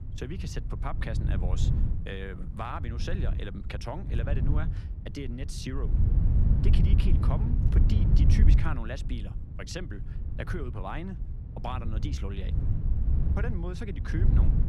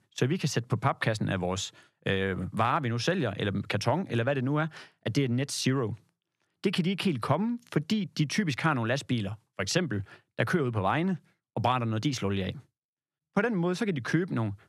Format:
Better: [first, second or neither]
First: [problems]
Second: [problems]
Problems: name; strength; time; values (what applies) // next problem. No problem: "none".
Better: second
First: wind noise on the microphone; heavy; 3 dB below the speech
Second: none